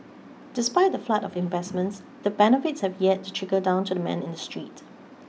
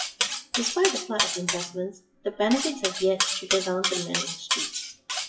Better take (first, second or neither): first